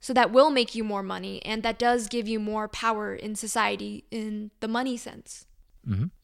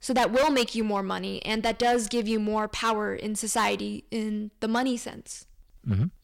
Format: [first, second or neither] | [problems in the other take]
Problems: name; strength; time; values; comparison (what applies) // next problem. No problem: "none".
first | distortion; heavy; 5% of the sound clipped